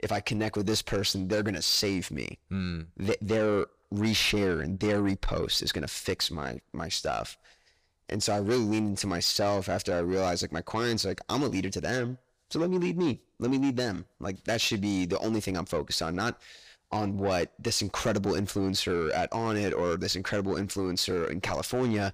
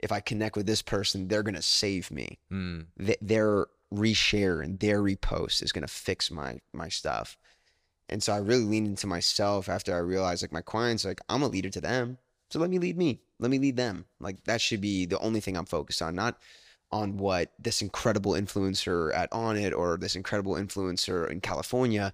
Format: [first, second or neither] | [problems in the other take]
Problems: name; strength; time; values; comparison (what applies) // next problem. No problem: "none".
second | distortion; slight; 10 dB below the speech